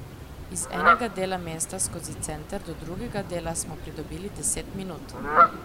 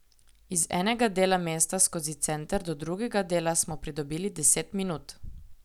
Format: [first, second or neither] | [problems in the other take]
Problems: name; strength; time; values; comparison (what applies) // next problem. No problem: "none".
second | background sound (Fowl); 5 dB above the speech